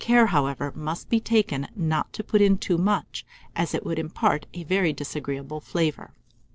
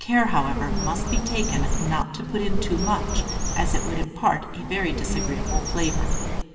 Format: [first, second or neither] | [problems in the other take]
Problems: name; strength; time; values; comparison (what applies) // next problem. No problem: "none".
first | background sound (Bird); 1 dB above the speech // room echo; dies away in 2.7 s